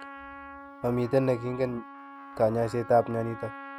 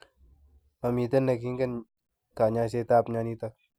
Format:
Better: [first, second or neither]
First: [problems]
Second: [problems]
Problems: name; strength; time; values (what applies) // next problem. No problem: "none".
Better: second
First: background sound (Trumpet); 15 dB below the speech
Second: none